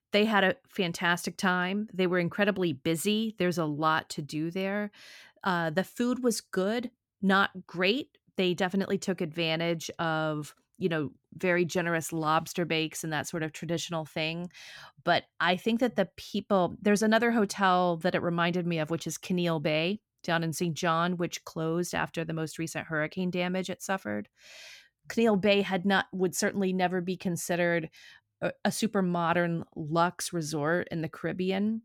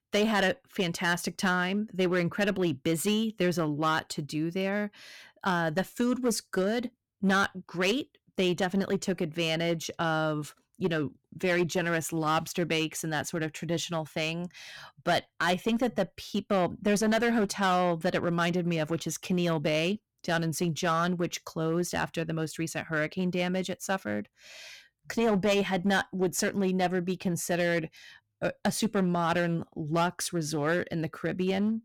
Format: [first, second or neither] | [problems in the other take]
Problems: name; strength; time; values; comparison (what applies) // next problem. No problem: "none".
first | distortion; slight; 6% of the sound clipped